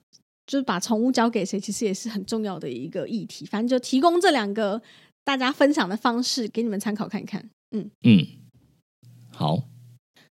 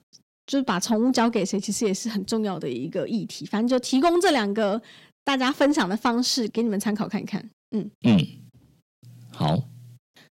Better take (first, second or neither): first